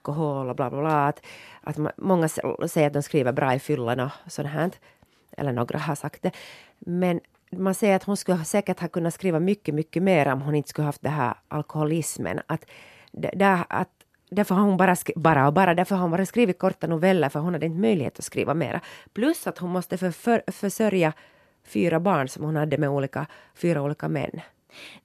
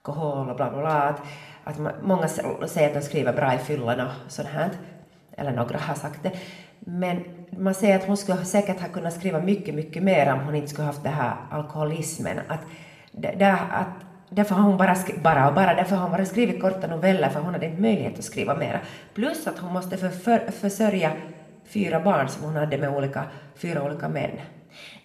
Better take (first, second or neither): first